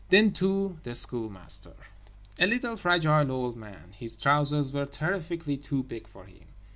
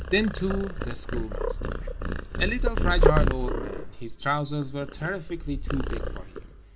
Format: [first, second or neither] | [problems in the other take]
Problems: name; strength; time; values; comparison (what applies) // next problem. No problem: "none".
first | background sound (Purr); 3 dB above the speech